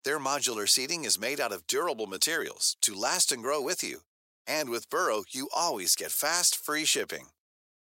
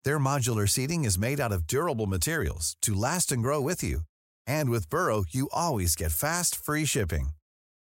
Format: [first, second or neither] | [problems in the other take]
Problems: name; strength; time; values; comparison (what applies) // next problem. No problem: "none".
second | thin; very; fading below 350 Hz